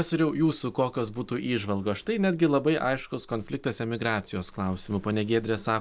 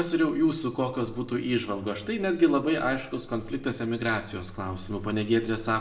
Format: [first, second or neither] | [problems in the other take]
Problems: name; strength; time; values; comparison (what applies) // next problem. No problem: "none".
first | room echo; dies away in 0.7 s